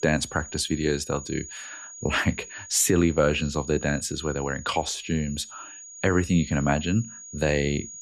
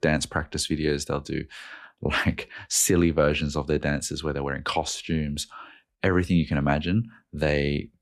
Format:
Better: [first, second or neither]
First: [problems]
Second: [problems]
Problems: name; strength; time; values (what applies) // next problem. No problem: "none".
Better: second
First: high-pitched whine; noticeable; throughout; 6.5 kHz, 15 dB below the speech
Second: none